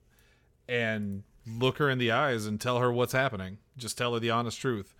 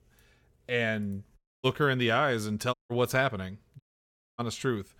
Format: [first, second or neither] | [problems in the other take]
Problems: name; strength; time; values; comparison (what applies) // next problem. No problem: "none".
first | audio cutting out; at 1.5 s, at 2.5 s and at 4 s for 0.5 s